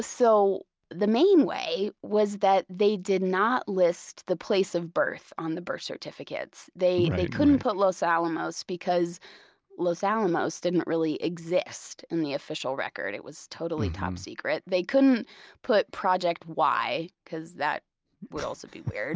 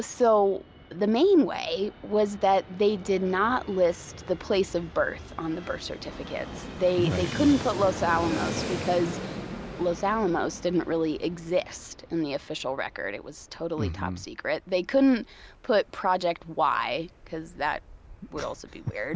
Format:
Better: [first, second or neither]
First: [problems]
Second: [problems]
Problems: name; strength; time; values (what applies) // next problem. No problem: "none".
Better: first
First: none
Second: background sound (Fixed-wing aircraft, airplane); 13 dB below the speech